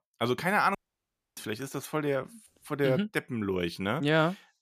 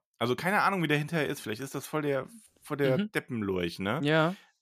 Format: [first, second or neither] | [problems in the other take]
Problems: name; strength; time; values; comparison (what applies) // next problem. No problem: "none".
second | audio cutting out; at 1 s for 0.5 s